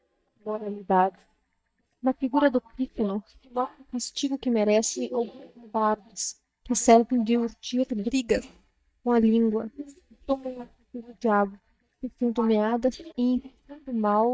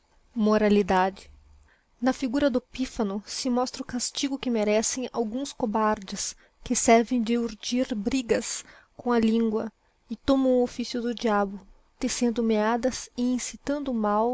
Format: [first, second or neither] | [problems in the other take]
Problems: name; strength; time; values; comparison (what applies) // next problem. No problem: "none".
second | noise reduction (neural mask model DeepFilterNet 3)